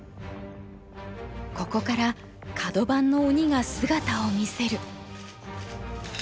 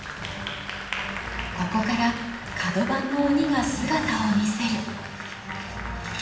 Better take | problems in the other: first | background sound (Applause); 9 dB below the speech // room echo; dies away in 1.1 s

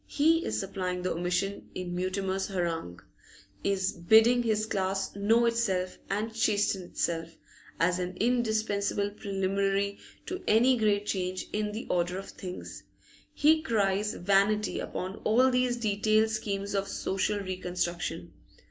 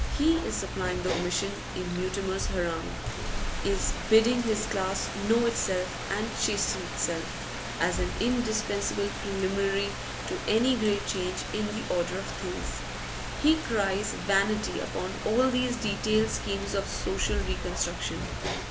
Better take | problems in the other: first | background sound (Rain); 4 dB below the speech

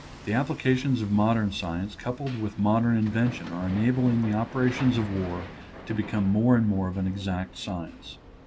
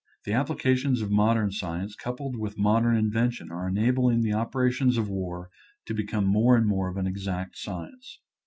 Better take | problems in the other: second | background sound (Hammer); 16 dB below the speech

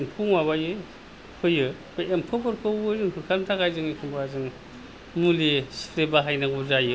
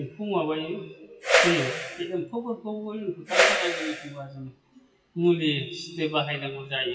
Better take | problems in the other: first | noise reduction (classical method WPE with log-MMSE)

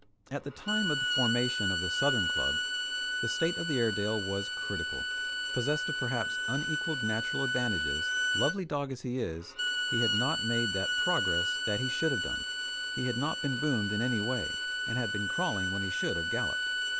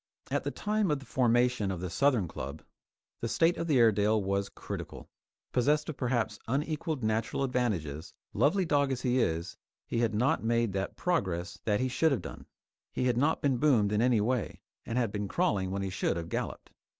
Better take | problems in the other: second | background sound (Bowed string instrument); 2 dB above the speech

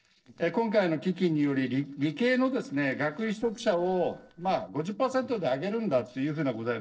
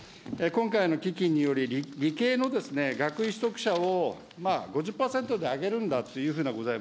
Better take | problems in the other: second | noise reduction (neural separator model SepFormer DNS4)

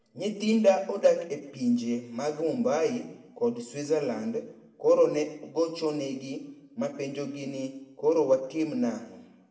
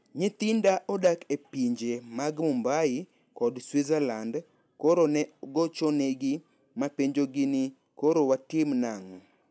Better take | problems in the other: second | room echo; dies away in 0.6 s

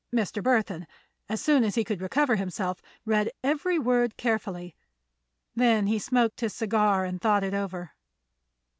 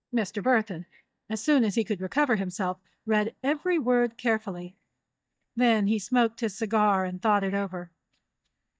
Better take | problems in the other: first | noise reduction (neural mask model DeepFilterNet 3)

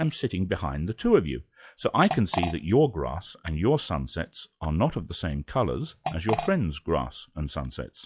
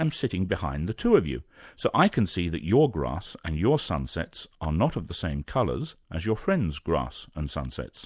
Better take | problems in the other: second | noise reduction (classical method log-MMSE)

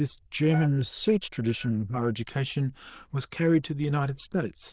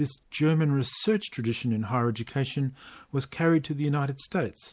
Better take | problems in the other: second | noise reduction (neural diffusion model UNIVERSE++)

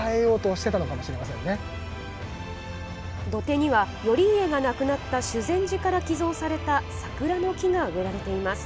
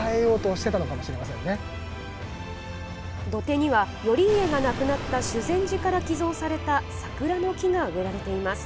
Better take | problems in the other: first | background sound (Explosion); 13 dB below the speech

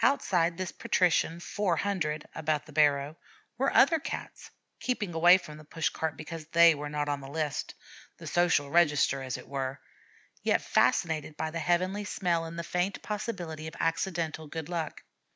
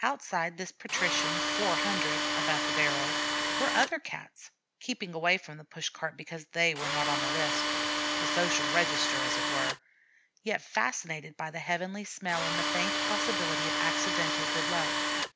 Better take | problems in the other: first | background sound (Tools); 4 dB above the speech

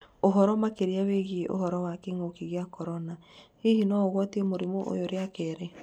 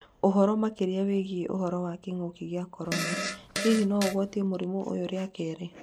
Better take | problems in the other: first | background sound (Fart); 5 dB below the speech

